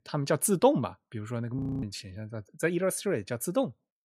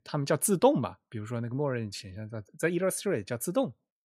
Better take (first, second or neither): second